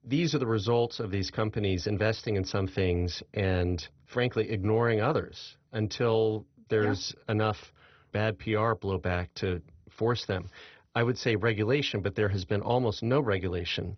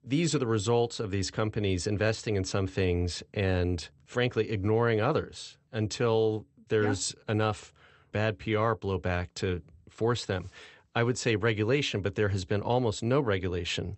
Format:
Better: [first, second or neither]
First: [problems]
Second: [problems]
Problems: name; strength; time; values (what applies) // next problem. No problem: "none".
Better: second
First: garbled, watery; badly; nothing above 6 kHz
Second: garbled, watery; slightly; nothing above 8 kHz